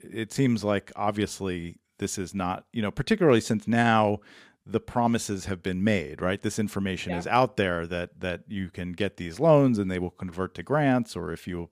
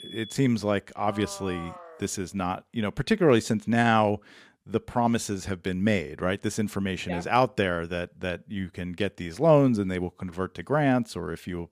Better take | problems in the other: first | alarms or sirens; noticeable; until 3 s; 15 dB below the speech

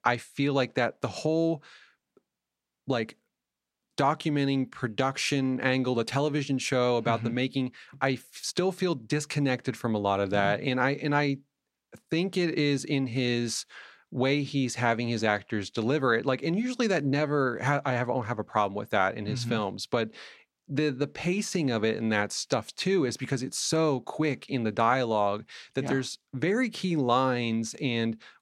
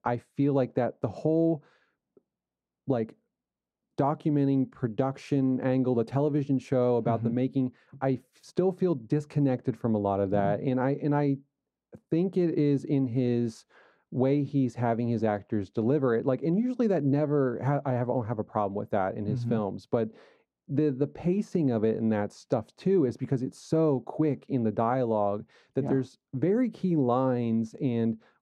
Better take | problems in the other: first | muffled; very; fading above 1 kHz

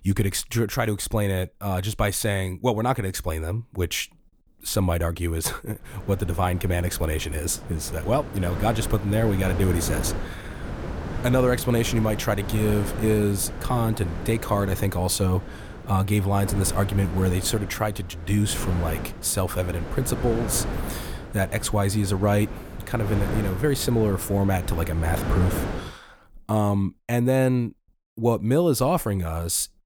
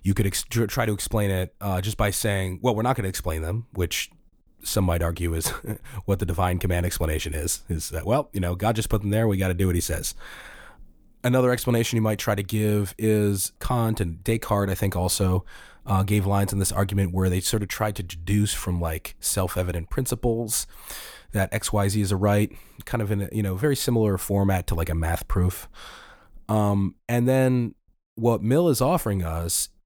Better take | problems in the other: second | wind noise on the microphone; heavy; from 6 to 26 s; 10 dB below the speech

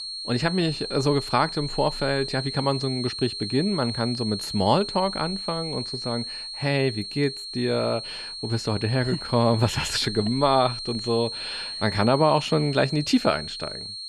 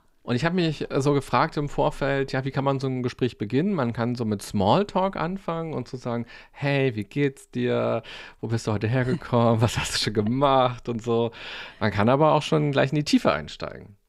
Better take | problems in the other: second | high-pitched whine; loud; throughout; 4.5 kHz, 7 dB below the speech

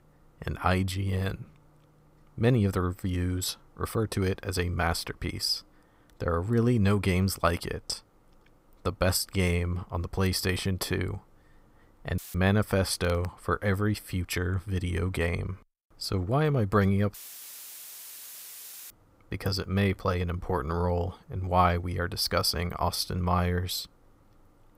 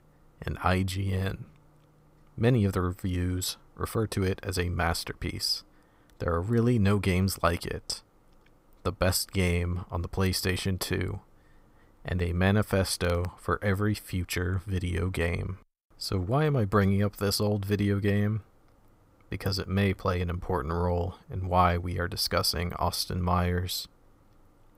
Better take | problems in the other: second | audio cutting out; filled with static; at 12 s and at 17 s for 2 s

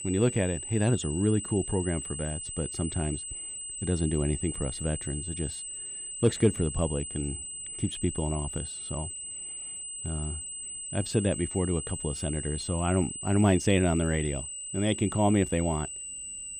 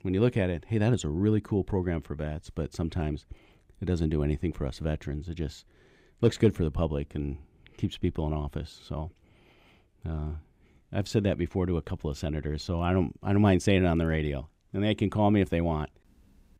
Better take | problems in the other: second | high-pitched whine; loud; throughout; 8 kHz, 6 dB below the speech

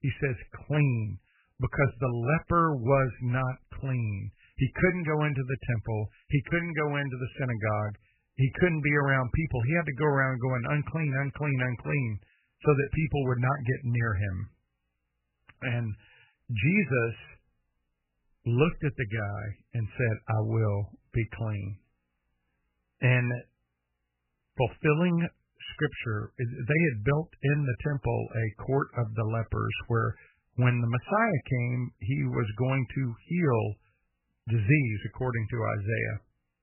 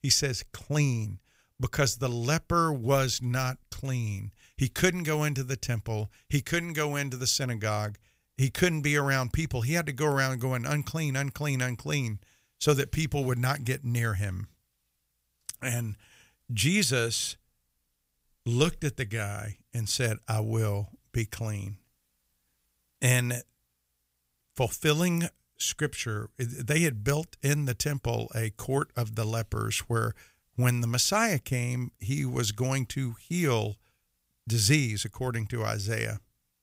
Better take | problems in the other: second | garbled, watery; badly; nothing above 3 kHz

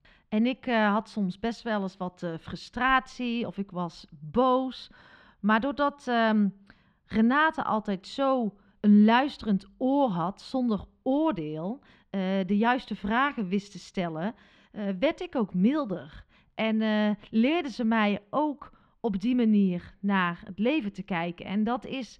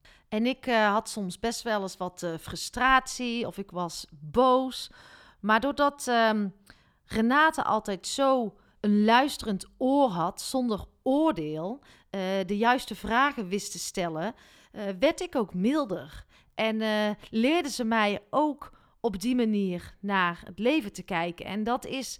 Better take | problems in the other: second | muffled; slightly; fading above 3 kHz

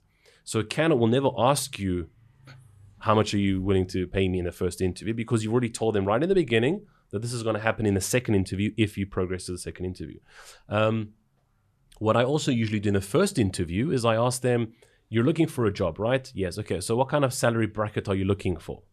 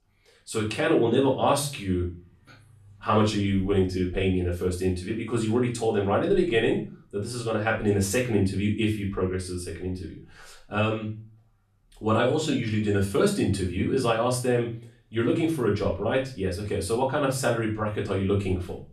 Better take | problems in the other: first | off-mic speech; far // room echo; slight; dies away in 0.3 s

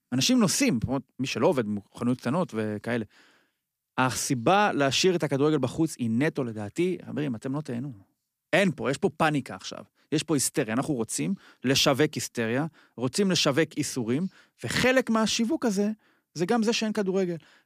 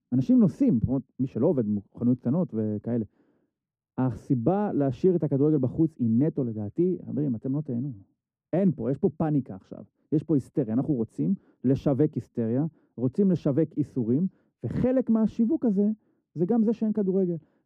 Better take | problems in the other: first | muffled; very; fading above 1 kHz

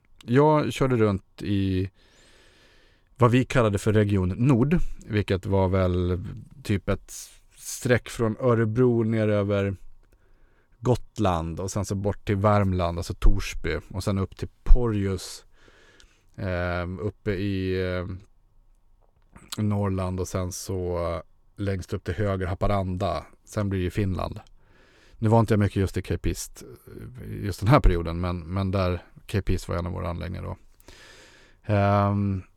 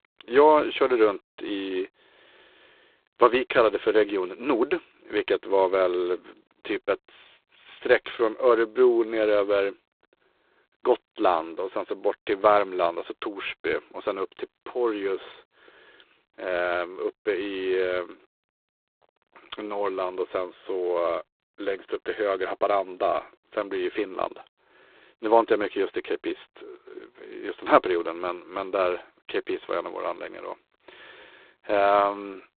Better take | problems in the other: first | phone-call audio; poor line; nothing above 4 kHz

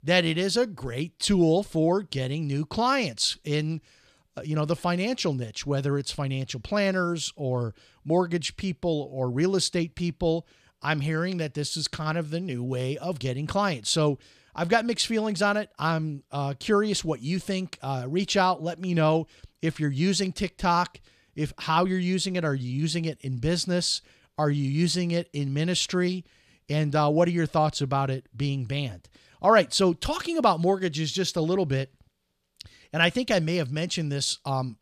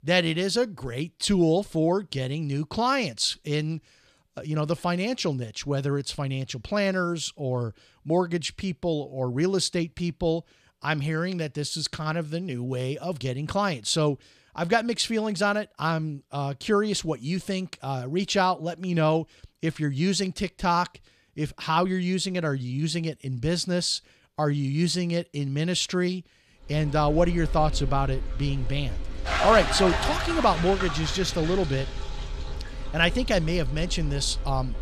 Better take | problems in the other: first | household noises; loud; from 27 s on; 6 dB below the speech

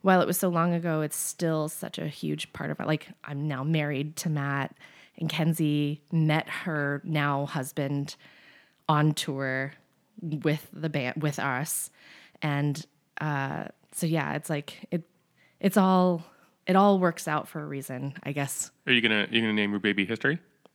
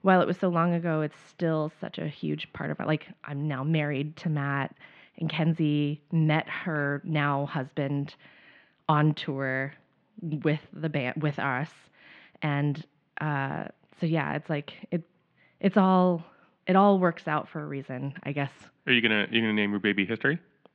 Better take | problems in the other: first | muffled; very; fading above 3.5 kHz

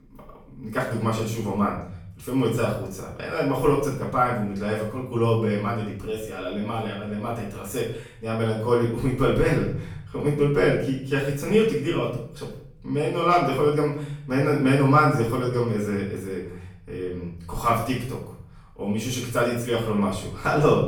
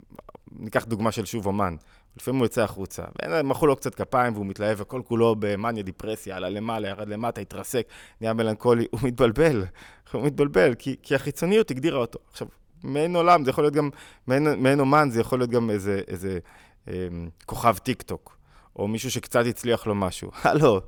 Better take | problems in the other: second | room echo; noticeable; dies away in 0.6 s // off-mic speech; far

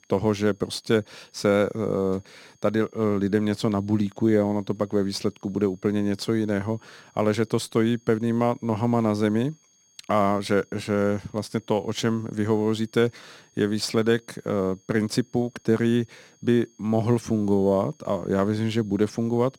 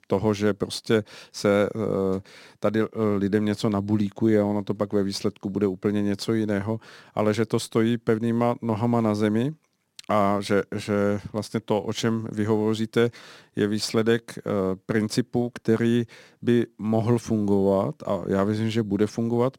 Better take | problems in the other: second | high-pitched whine; faint; throughout; 6.5 kHz, 35 dB below the speech

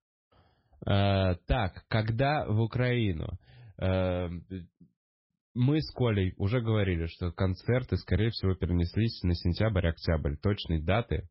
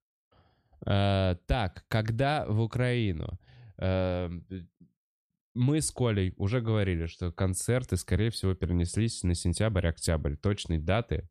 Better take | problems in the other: second | garbled, watery; badly; nothing above 5.5 kHz

